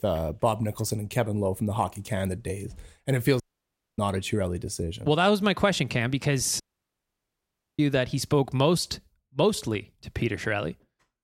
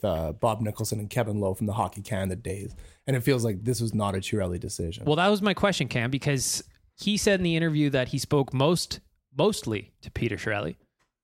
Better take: second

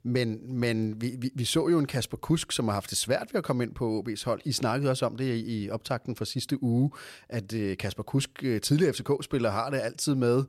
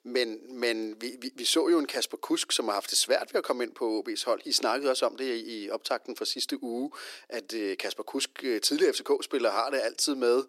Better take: first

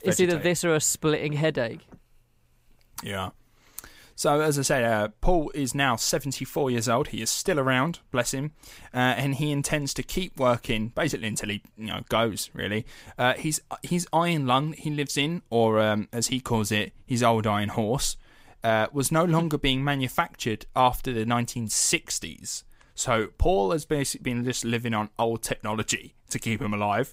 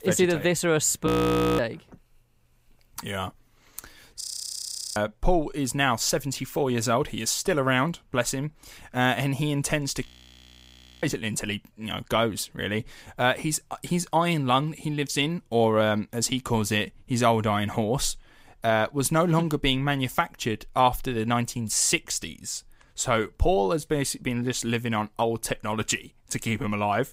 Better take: first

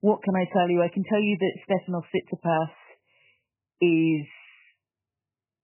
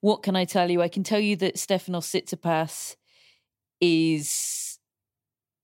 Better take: second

